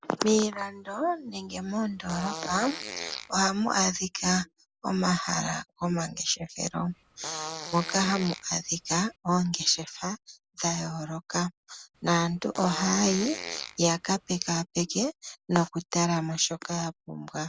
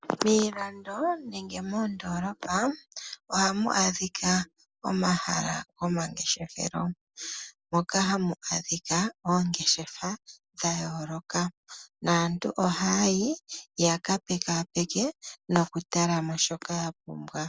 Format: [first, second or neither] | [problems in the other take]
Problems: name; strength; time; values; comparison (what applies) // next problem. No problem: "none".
second | background sound (Fart); 12 dB below the speech